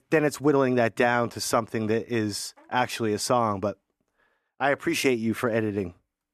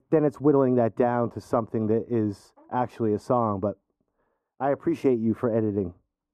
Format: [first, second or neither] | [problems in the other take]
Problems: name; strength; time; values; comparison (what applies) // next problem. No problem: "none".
first | muffled; very; fading above 1 kHz